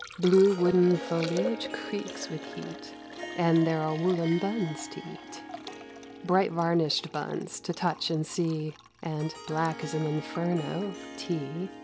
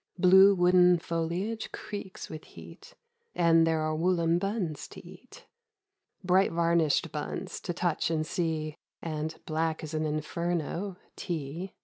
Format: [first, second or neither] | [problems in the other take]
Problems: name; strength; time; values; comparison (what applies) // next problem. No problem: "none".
second | background sound (Harp + Liquid); 11 dB below the speech